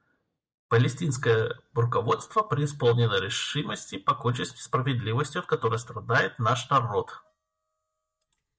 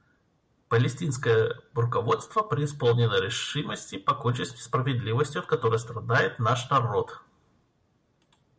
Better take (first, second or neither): second